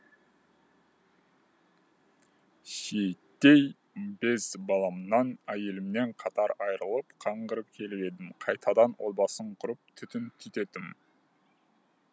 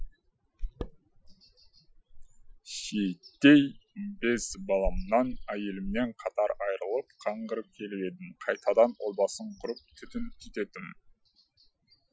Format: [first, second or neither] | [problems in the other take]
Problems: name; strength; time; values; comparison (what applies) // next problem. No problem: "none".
first | noise reduction (classical method Wiener filter)